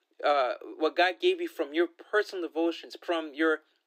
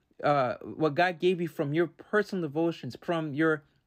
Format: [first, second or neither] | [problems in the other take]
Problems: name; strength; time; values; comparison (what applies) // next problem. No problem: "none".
second | thin; very; fading below 350 Hz